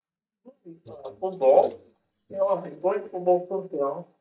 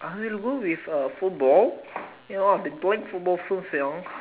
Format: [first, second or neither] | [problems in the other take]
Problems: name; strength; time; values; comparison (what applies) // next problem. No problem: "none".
second | noise reduction (neural mask model DeepFilterNet 3)